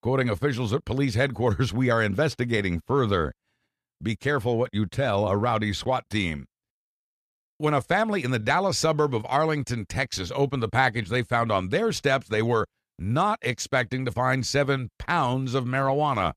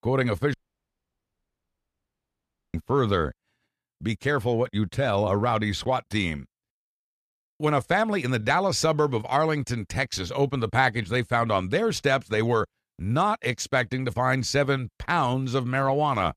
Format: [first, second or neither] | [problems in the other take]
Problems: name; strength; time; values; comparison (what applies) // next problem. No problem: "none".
first | audio cutting out; at 0.5 s for 2 s